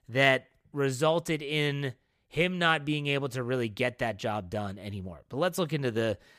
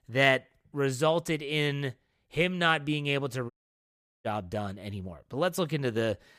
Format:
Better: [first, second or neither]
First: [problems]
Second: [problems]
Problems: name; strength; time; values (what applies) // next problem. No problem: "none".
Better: first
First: none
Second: audio cutting out; at 3.5 s for 0.5 s